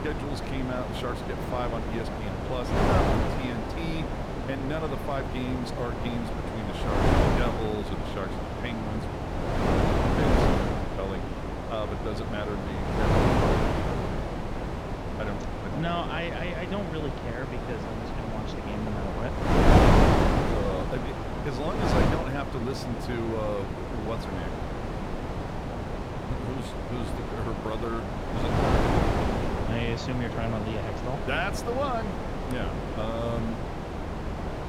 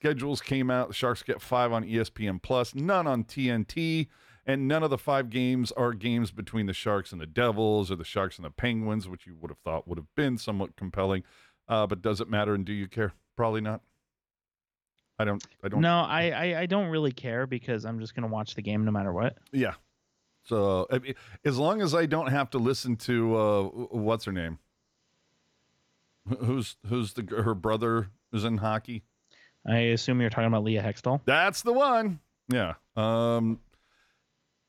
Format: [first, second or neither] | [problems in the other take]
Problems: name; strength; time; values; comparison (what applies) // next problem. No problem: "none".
second | wind noise on the microphone; heavy; 4 dB above the speech